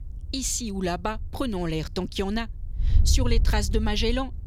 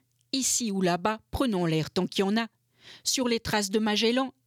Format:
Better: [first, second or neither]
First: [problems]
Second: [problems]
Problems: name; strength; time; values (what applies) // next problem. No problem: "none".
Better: second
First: wind noise on the microphone; occasional gusts; 20 dB below the speech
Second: none